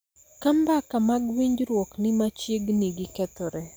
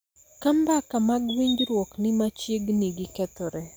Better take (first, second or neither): first